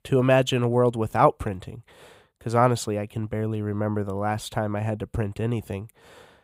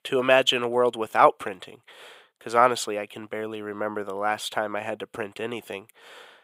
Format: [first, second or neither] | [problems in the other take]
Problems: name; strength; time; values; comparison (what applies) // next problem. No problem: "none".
first | thin; somewhat; fading below 400 Hz